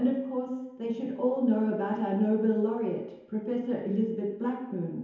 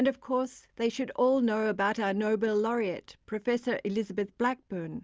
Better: second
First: room echo; dies away in 1 s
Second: none

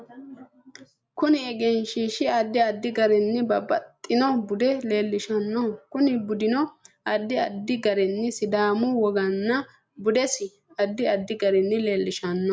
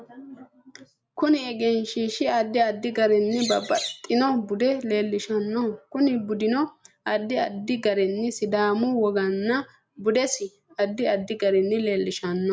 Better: first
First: none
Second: background sound (Bird); 10 dB below the speech

